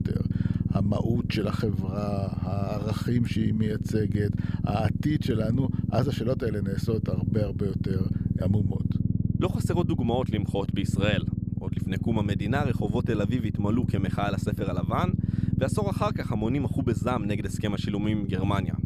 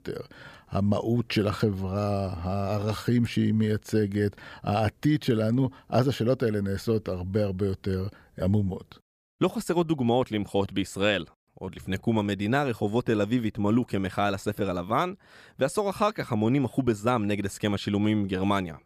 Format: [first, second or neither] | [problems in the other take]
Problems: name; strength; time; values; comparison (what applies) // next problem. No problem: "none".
second | low rumble; loud; throughout; 6 dB below the speech